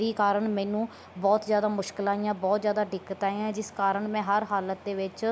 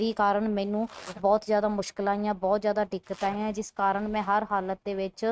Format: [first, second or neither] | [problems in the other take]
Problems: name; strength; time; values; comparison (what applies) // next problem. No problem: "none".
first | noise reduction (neural mask model RNNoise)